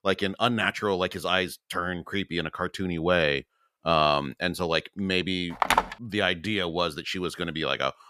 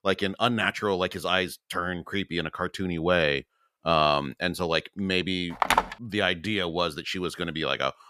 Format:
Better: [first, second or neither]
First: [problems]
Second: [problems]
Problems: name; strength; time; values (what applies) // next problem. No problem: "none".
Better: neither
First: phone ringing; loud; at 5.5 s; peak 3 dB above the speech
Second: phone ringing; loud; at 5.5 s; peak 3 dB above the speech